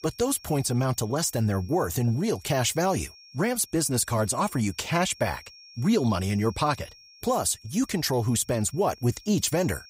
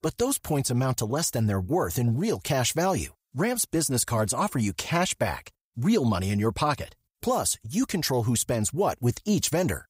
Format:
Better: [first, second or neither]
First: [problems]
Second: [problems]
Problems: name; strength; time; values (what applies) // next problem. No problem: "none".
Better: second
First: high-pitched whine; faint; throughout; 5.5 kHz, 25 dB below the speech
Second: none